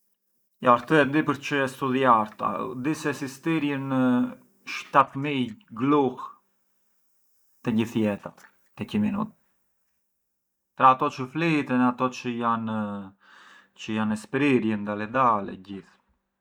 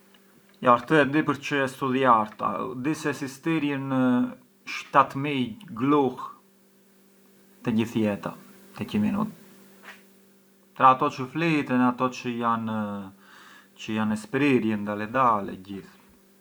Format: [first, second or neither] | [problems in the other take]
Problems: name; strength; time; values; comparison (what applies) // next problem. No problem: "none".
second | noise reduction (neural mask model DeepFilterNet 3)